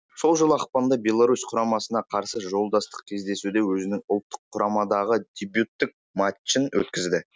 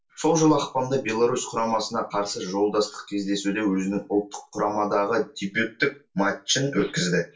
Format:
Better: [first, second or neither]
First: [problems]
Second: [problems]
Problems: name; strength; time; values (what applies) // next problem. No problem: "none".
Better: first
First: none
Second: room echo; dies away in 0.2 s